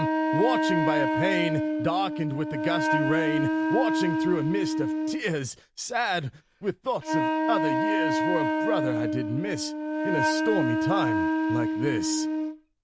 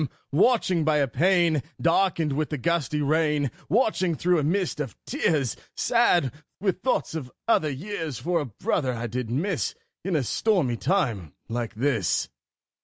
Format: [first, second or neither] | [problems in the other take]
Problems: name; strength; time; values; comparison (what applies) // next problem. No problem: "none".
second | background sound (Wind instrument, woodwind instrument); 3 dB above the speech